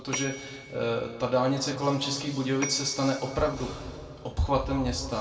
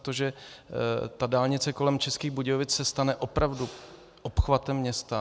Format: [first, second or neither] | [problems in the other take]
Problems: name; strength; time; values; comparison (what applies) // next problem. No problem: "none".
second | background sound (Bell / Telephone); 14 dB below the speech // room echo; dies away in 1.9 s